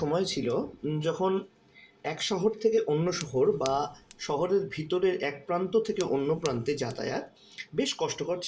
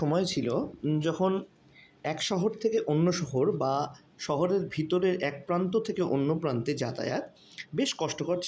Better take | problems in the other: second | background sound (Fire); 20 dB below the speech // room echo; dies away in 0.2 s

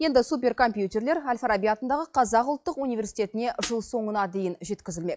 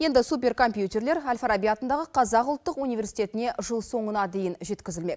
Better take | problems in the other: second | noise reduction (classical method log-MMSE)

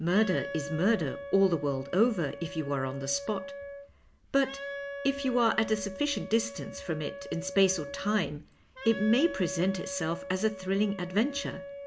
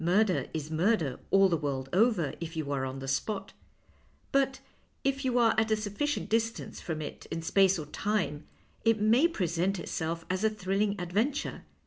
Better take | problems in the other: second | background sound (Wind instrument, woodwind instrument); 11 dB below the speech

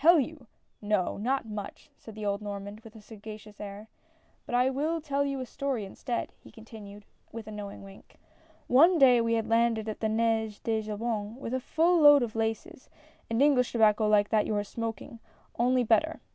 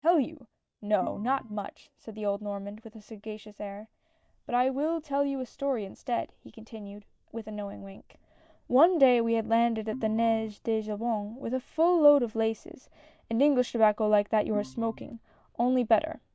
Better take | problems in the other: first | noise reduction (neural mask model DeepFilterNet 3)

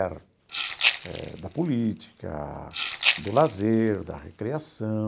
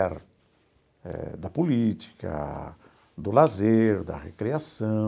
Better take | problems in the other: second | background sound (Rattle (instrument)); 4 dB below the speech

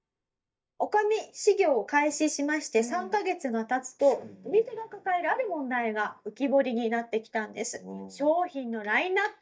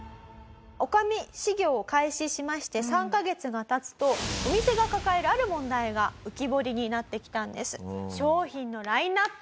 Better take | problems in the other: second | noise reduction (neural mask model DeepFilterNet 3)

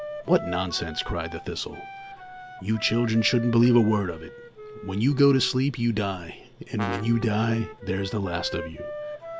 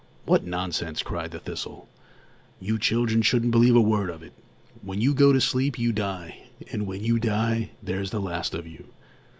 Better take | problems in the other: second | background sound (Wind instrument, woodwind instrument + Brass instrument); 13 dB below the speech

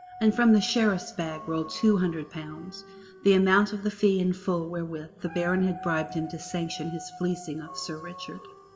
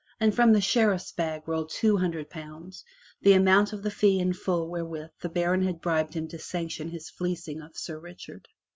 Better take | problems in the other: second | background sound (Dog); 17 dB below the speech // room echo; dies away in 2.1 s

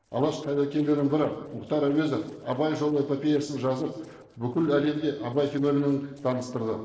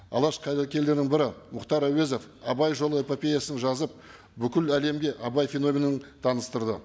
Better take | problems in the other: second | noise reduction (neural separator model SepFormer DNS4)

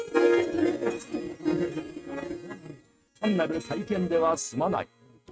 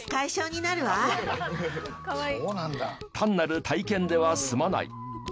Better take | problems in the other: second | noise reduction (neural mask model RNNoise)

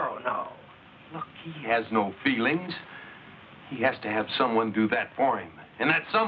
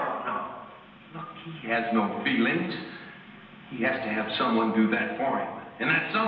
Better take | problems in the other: first | room echo; dies away in 1.1 s

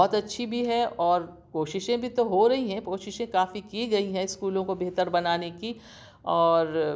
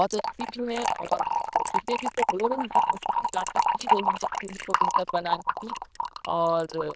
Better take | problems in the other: first | noise reduction (neural diffusion model UNIVERSE++)

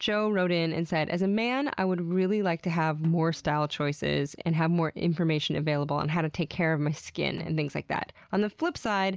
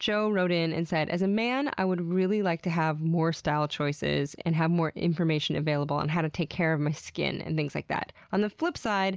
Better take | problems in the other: second | background sound (Snare drum); 20 dB below the speech

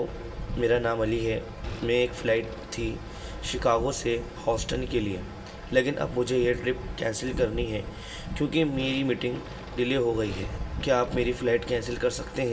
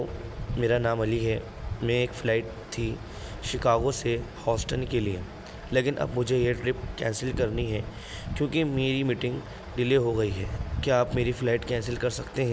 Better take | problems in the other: second | background sound (Fart); 19 dB below the speech // room echo; dies away in 1.2 s

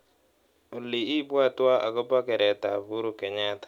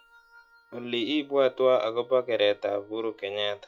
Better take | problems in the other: first | noise reduction (classical method log-MMSE)

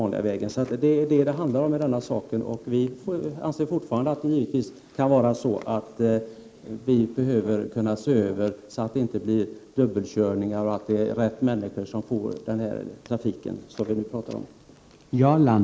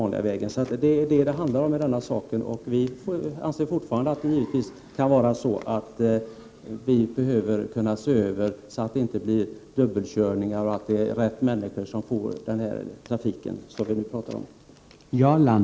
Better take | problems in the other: second | noise reduction (neural mask model Resemble Enhance denoiser)

